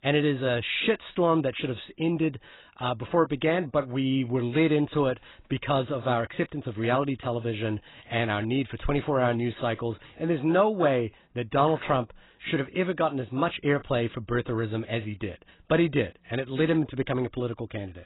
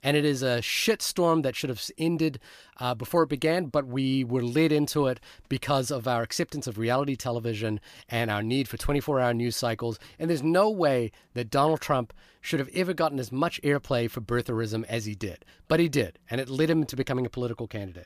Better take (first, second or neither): second